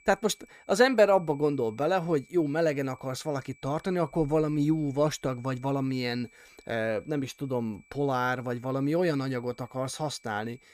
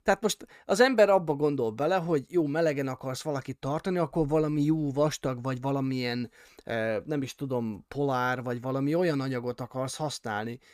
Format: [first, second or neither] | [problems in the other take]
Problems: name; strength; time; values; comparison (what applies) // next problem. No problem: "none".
second | high-pitched whine; faint; throughout; 2.5 kHz, 30 dB below the speech